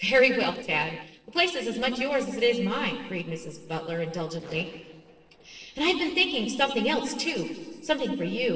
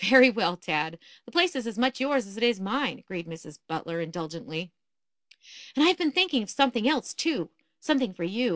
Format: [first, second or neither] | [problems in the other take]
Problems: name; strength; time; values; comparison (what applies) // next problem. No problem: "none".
second | noise reduction (neural separator model SepFormer DNS4)